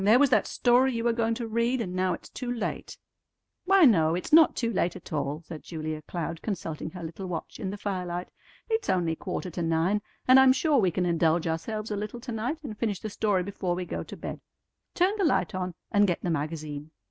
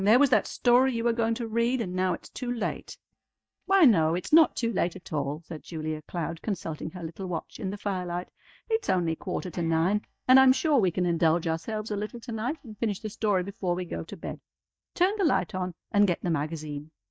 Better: first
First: none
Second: noise reduction (neural mask model DeepFilterNet 3)

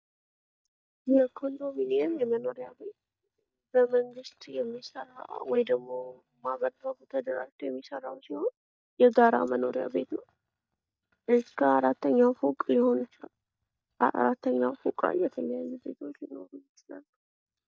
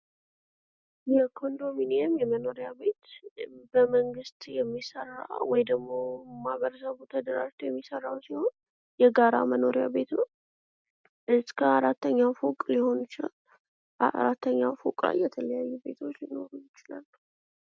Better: second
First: noise reduction (neural mask model DeepFilterNet 3)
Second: none

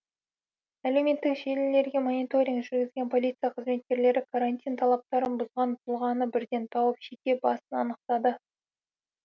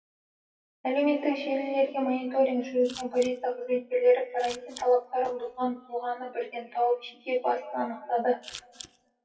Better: first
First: none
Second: noise reduction (classical method WPE with log-MMSE)

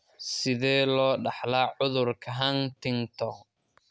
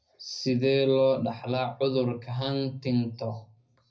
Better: first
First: none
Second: room echo; dies away in 0.4 s

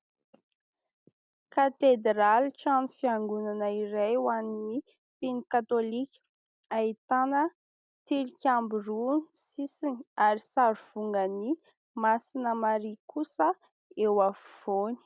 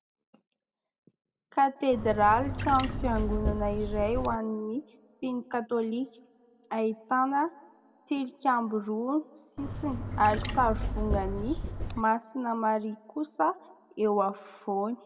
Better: first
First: none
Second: background sound (Trickle, dribble / Chirp, tweet); 3 dB below the speech // room echo; dies away in 1.1 s

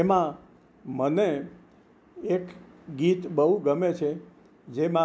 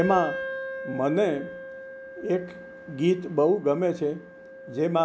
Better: first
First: none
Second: background sound (Wind instrument, woodwind instrument); 11 dB below the speech

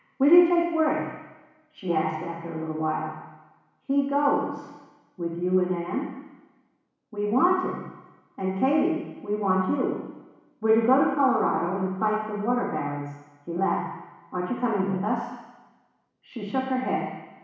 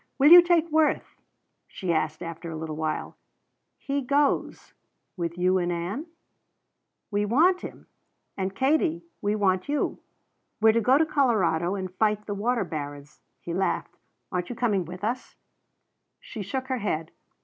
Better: second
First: room echo; dies away in 1.1 s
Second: none

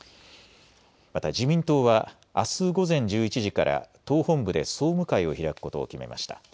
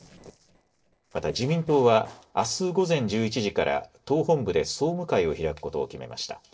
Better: first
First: none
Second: noise reduction (neural separator model SepFormer DNS4)

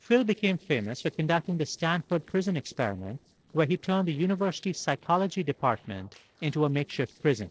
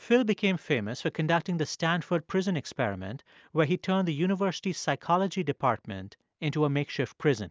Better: second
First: noise reduction (neural separator model SepFormer DNS4)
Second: none

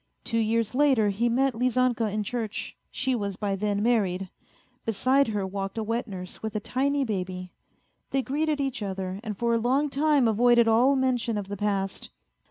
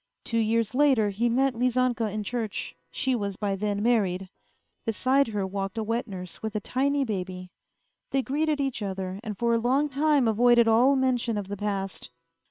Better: first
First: none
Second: noise reduction (neural separator model SepFormer WHAM!)

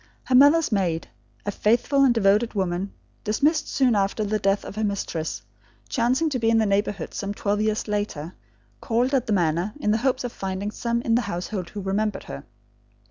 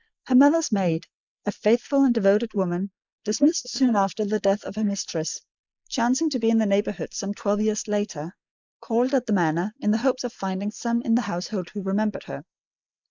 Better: first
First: none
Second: noise reduction (neural mask model Resemble Enhance denoiser)

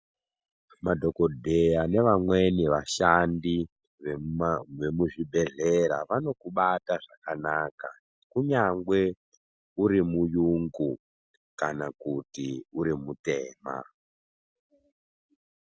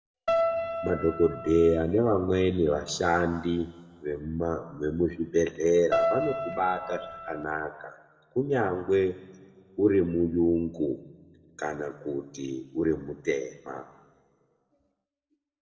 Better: first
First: none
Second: background sound (Keyboard (musical)); 2 dB below the speech // room echo; dies away in 1 s

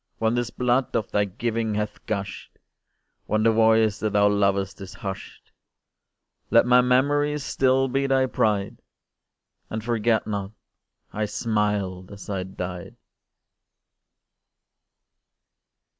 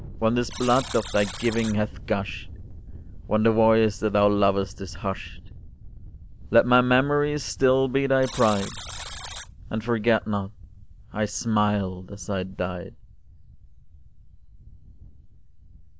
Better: first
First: none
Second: background sound (Thunder + Alarm); 14 dB below the speech

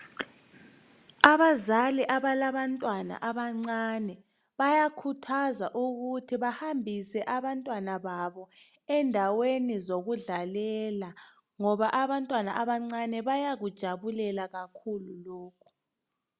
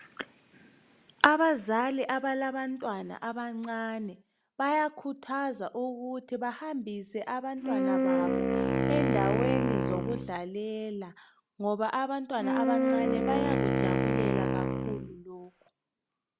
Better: first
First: none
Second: background sound (Wind instrument, woodwind instrument); 4 dB above the speech

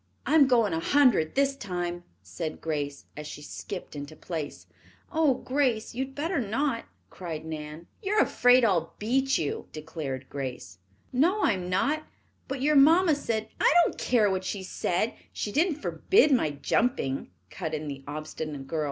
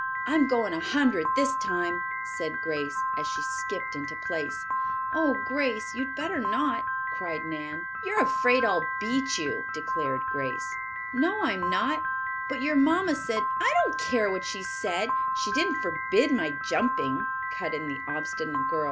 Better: first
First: none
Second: background sound (Piano); 1 dB below the speech

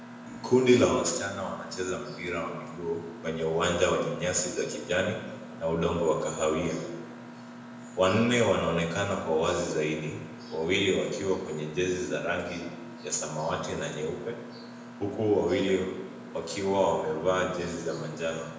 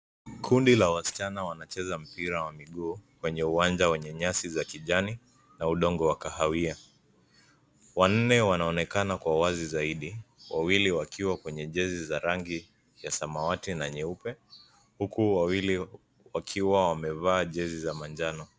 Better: second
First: background sound (Mechanisms); 15 dB below the speech // room echo; dies away in 1 s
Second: none

